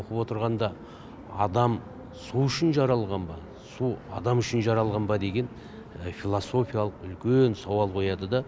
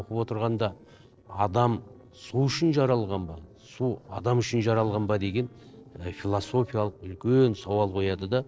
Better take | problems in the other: first | noise reduction (neural separator model SepFormer DNS4)

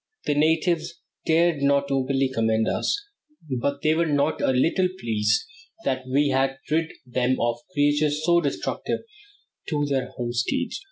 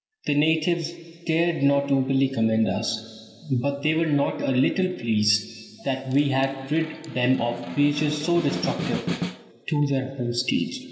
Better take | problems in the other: first | background sound (Snare drum); 9 dB below the speech // room echo; dies away in 2.4 s

